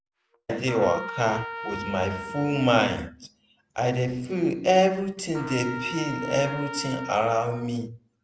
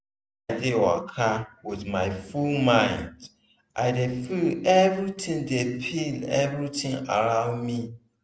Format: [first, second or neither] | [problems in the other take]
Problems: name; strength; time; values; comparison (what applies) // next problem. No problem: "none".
second | background sound (Trumpet); 11 dB below the speech